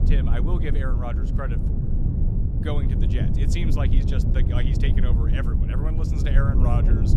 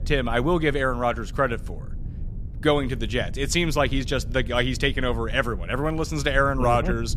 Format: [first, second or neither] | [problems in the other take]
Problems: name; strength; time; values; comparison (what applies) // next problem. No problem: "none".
second | low rumble; loud; throughout; 1 dB below the speech; faint in the second